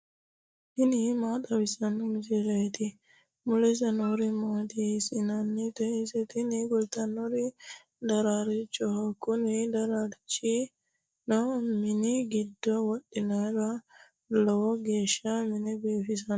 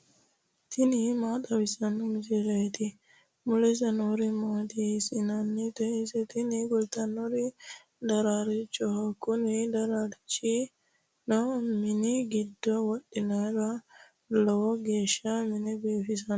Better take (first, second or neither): second